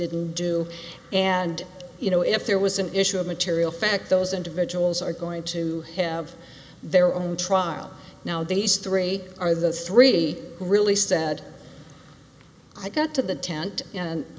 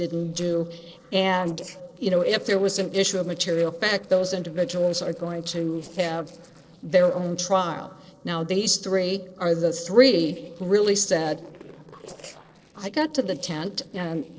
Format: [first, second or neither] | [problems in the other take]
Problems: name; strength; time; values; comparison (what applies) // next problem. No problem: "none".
first | noise reduction (neural separator model SepFormer DNS4)